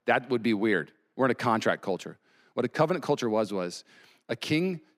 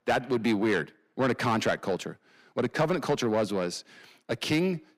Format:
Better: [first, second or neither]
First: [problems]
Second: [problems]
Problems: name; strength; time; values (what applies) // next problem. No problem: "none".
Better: first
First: none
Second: distortion; slight; 10 dB below the speech